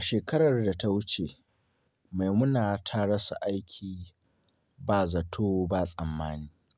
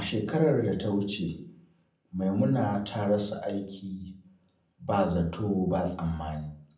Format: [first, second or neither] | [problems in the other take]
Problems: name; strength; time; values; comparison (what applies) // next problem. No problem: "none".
first | room echo; dies away in 0.6 s